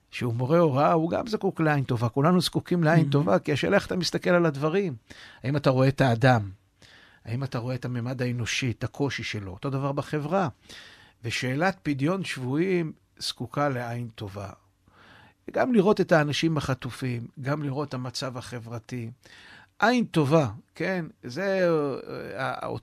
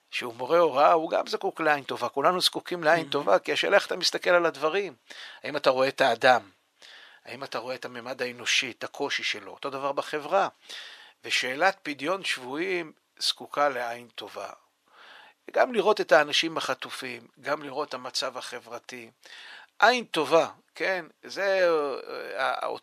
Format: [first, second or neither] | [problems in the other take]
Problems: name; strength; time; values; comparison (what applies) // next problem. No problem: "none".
first | thin; very; fading below 600 Hz